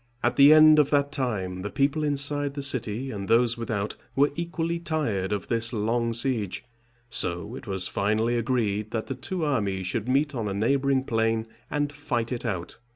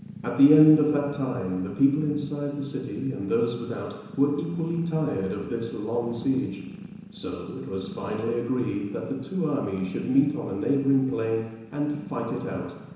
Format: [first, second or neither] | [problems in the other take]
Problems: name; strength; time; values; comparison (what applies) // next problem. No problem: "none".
first | background sound (Purr); 15 dB below the speech // room echo; dies away in 1 s